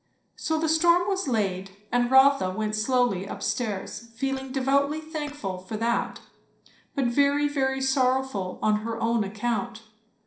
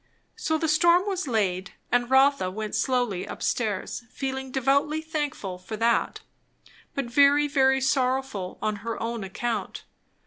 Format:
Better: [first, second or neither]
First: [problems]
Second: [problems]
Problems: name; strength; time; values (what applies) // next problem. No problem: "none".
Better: second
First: noise reduction (neural separator model SepFormer DNS4)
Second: none